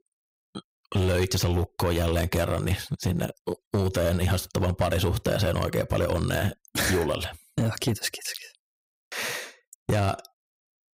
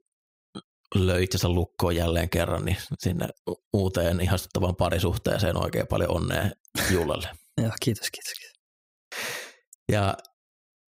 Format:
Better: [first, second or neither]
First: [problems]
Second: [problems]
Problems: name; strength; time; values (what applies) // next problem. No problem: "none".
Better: second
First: distortion; slight; 6% of the sound clipped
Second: none